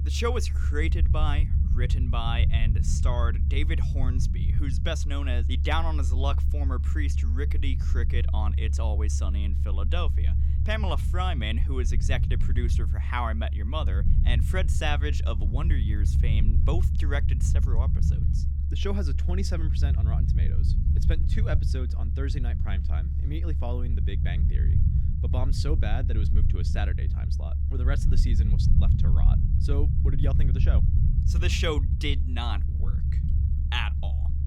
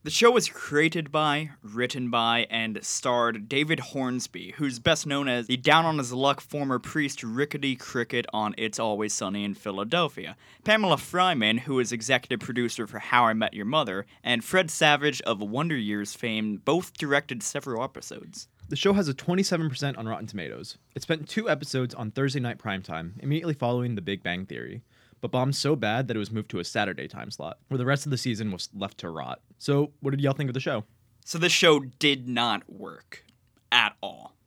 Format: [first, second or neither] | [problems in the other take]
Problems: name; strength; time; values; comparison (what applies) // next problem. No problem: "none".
second | low rumble; loud; throughout; 7 dB below the speech